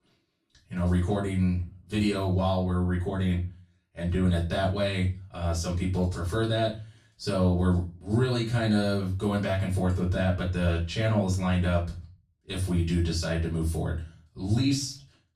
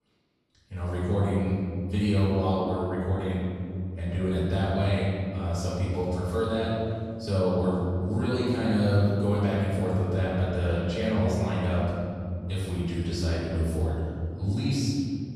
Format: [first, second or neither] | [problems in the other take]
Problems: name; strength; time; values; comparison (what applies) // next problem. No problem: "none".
first | room echo; strong; dies away in 2.7 s; slight in the first // off-mic speech; far; far in the first